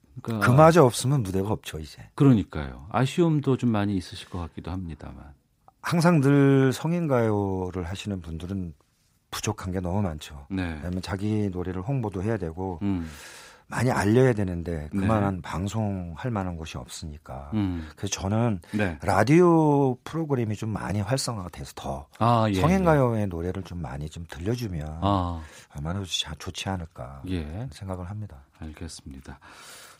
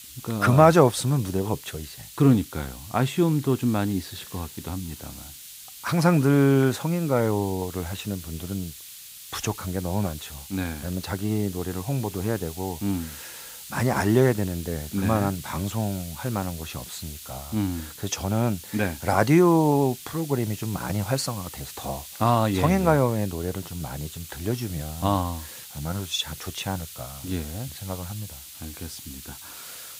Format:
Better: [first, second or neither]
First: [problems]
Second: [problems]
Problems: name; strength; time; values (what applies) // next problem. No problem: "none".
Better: first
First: none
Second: hiss; noticeable; throughout; 15 dB below the speech